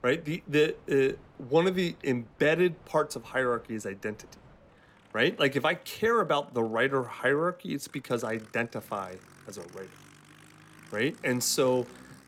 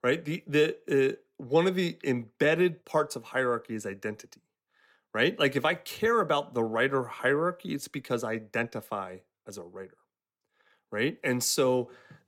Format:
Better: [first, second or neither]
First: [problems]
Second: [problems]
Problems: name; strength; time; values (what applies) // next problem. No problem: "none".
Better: second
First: train or aircraft noise; faint; throughout; 25 dB below the speech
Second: none